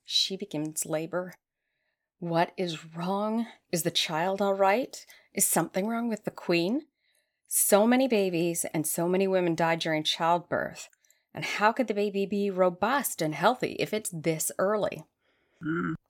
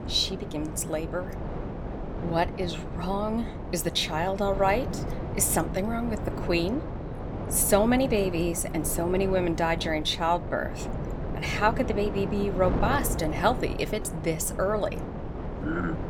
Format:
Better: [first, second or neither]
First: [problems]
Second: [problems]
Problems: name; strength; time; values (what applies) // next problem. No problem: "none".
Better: first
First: none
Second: wind noise on the microphone; occasional gusts; 10 dB below the speech